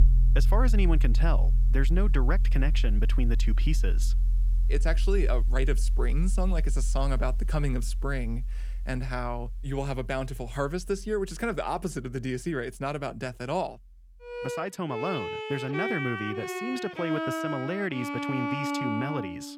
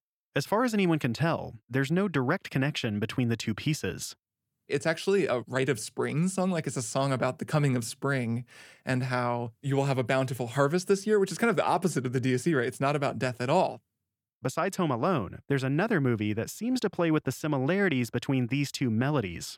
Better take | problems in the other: second | background music; very loud; throughout; 4 dB above the speech

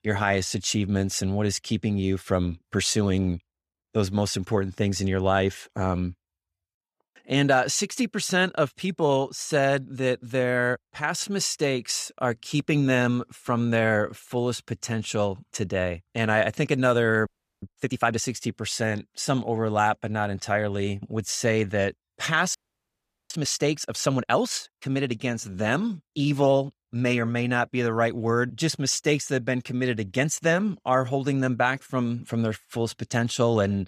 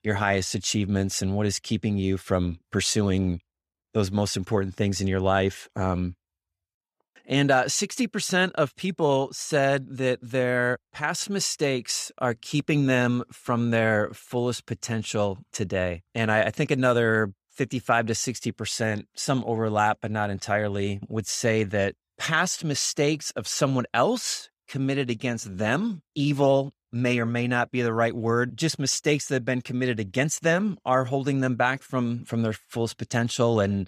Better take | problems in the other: second | audio freezing; at 17 s and at 23 s for 1 s

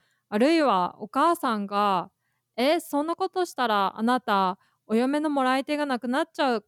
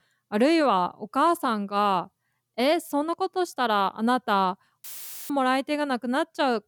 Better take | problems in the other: first | audio cutting out; filled with static; at 5 s

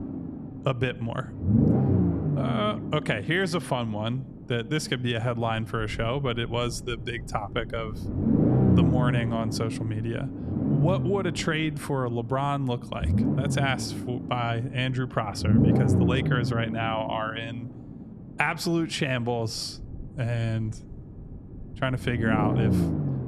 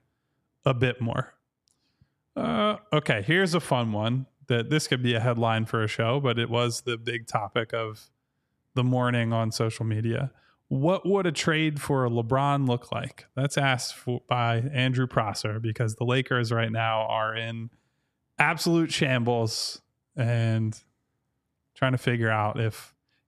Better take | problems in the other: second | low rumble; loud; throughout; 4 dB below the speech

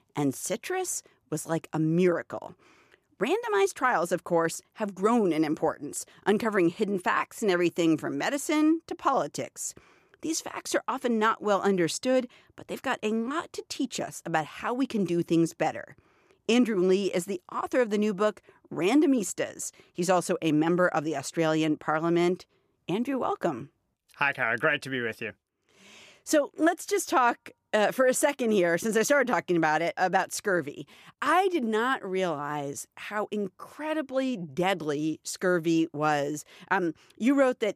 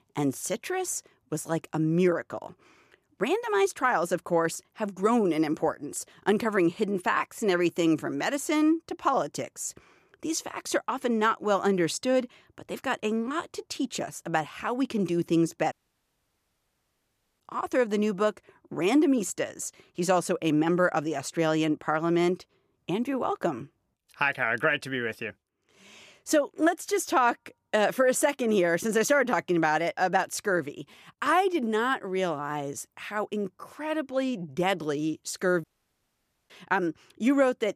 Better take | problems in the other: first | audio cutting out; at 16 s for 1.5 s and at 36 s for 1 s

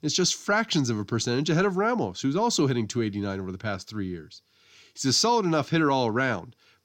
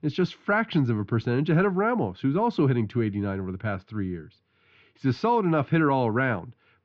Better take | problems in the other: first | muffled; very; fading above 2.5 kHz

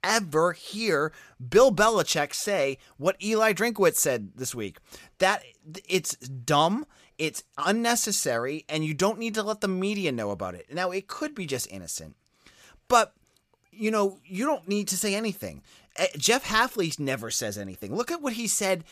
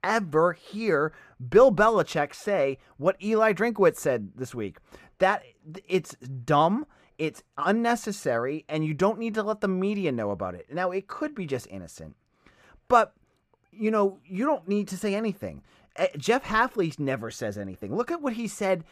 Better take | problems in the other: first | muffled; slightly; fading above 3 kHz

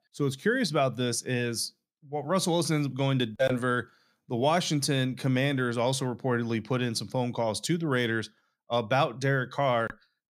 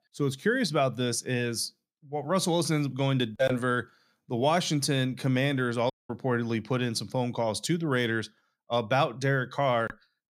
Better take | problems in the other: first | audio cutting out; at 6 s

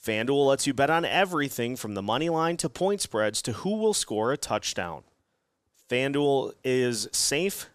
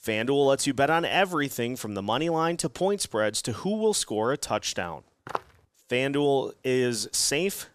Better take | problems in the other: first | footsteps; noticeable; at 5.5 s; peak 10 dB below the speech

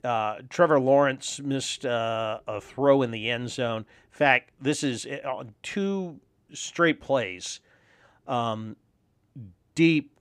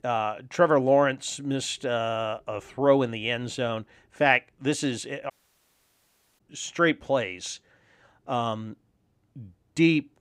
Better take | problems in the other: first | audio cutting out; at 5.5 s for 1 s

